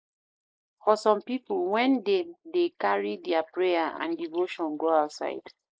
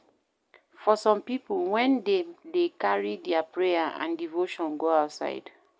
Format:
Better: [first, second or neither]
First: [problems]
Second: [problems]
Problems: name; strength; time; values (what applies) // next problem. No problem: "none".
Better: second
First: noise reduction (neural mask model Resemble Enhance denoiser)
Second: none